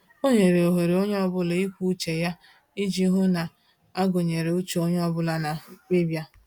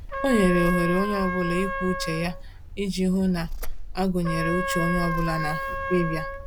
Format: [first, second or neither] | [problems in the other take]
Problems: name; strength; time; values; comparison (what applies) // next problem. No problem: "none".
first | background sound (Purr + Trumpet); 4 dB below the speech